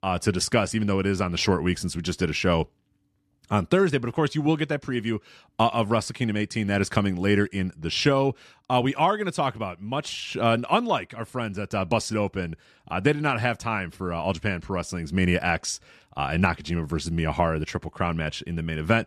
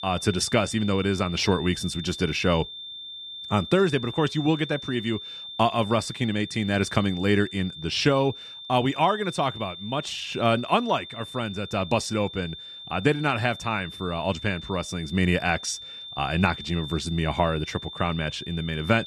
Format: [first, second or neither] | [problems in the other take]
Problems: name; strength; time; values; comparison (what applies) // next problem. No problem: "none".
first | high-pitched whine; noticeable; throughout; 3.5 kHz, 10 dB below the speech